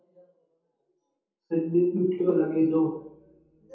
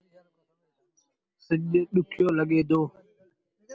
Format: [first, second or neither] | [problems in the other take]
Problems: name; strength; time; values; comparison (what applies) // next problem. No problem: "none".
second | room echo; dies away in 0.7 s